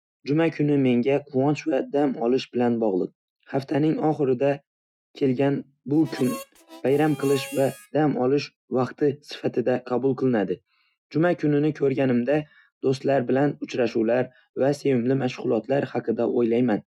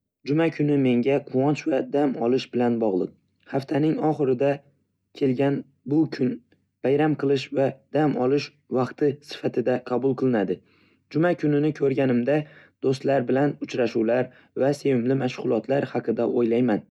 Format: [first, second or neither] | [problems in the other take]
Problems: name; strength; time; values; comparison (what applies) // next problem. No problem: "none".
second | noise reduction (classical method Wiener filter)